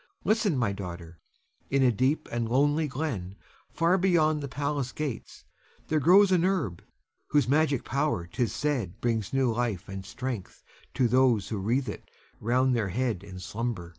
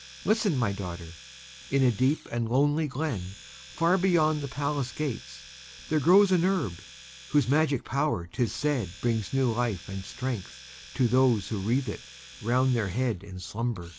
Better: first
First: none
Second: background sound (Domestic sounds, home sounds); 20 dB below the speech

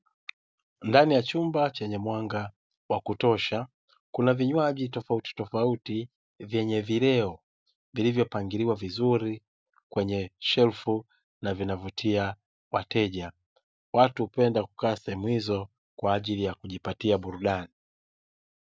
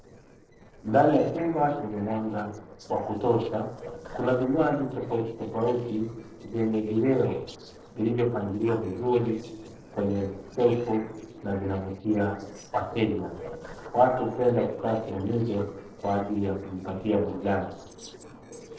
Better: first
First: none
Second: noise reduction (neural separator model SepFormer DNS4)

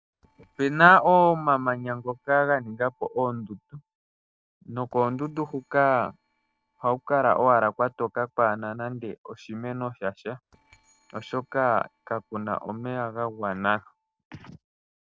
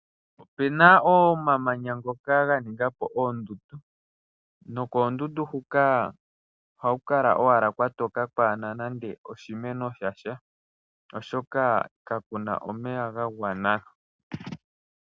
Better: second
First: noise reduction (neural separator model SepFormer DNS4)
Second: none

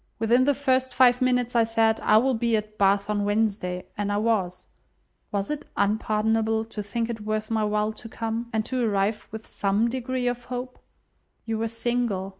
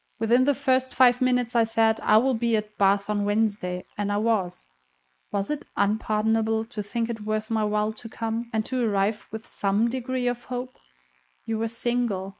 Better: first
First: none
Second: noise reduction (neural mask model Resemble Enhance denoiser)

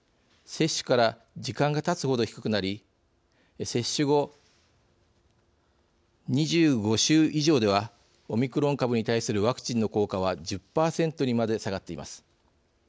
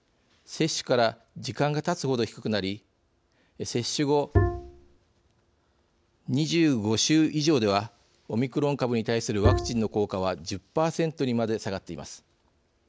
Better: first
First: none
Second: background sound (Bowed string instrument); 2 dB above the speech

